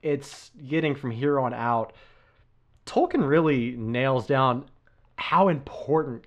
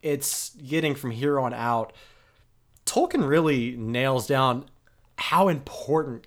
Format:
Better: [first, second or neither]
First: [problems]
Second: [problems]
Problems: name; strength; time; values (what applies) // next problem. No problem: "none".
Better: second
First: muffled; slightly; fading above 2.5 kHz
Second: none